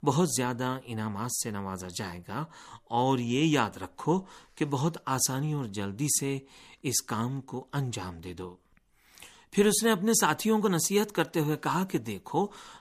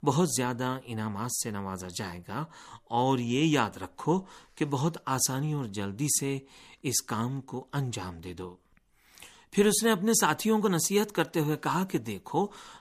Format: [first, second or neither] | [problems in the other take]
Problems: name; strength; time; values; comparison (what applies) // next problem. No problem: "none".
neither | none